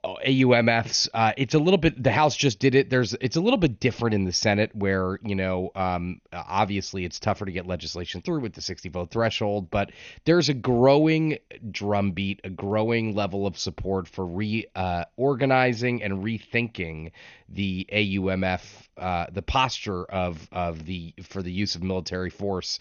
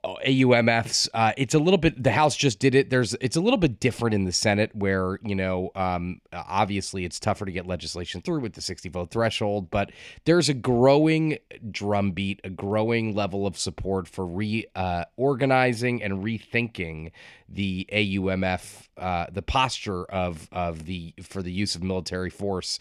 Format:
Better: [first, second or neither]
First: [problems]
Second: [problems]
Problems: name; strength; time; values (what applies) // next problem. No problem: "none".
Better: second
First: garbled, watery; slightly; nothing above 6.5 kHz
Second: none